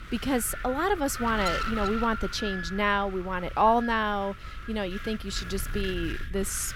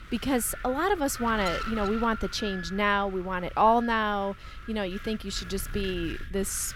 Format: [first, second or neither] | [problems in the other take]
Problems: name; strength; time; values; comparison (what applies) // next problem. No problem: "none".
second | wind noise on the microphone; heavy; 7 dB below the speech; occasional gusts in the second